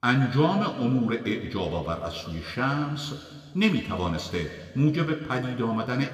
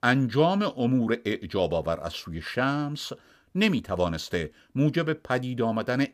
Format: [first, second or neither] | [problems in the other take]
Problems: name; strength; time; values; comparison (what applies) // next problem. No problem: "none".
second | room echo; slight; dies away in 2 s